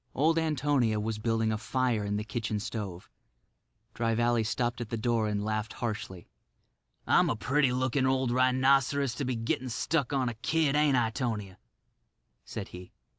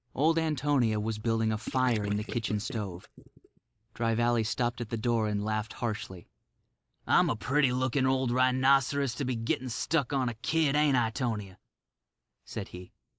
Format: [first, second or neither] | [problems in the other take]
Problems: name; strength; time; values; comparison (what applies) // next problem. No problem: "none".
first | noise reduction (neural mask model Resemble Enhance denoiser)